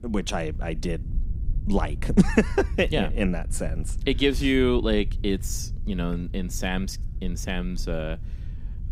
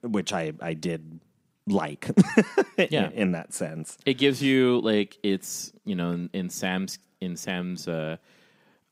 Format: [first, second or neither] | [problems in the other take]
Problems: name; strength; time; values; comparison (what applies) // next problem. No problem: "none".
second | low rumble; faint; throughout; 20 dB below the speech